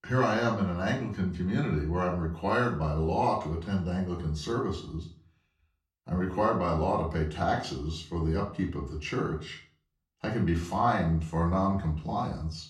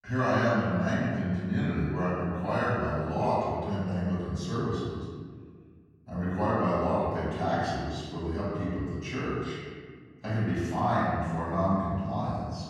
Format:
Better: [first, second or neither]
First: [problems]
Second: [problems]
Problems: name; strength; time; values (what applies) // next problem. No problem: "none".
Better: first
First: room echo; slight; dies away in 0.4 s // off-mic speech; far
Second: room echo; strong; dies away in 1.6 s // off-mic speech; far